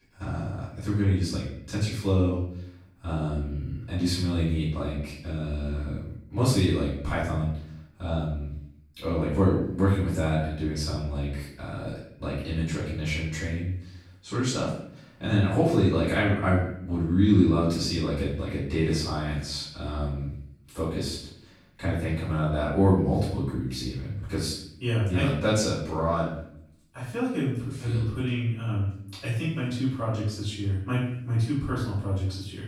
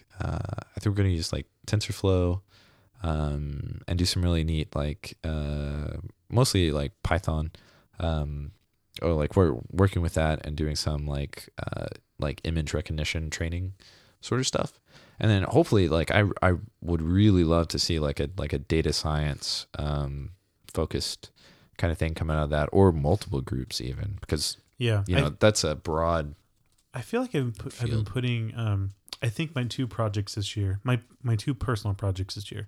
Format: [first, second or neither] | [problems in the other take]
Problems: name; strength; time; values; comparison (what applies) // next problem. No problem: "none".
second | off-mic speech; far // room echo; noticeable; dies away in 0.6 s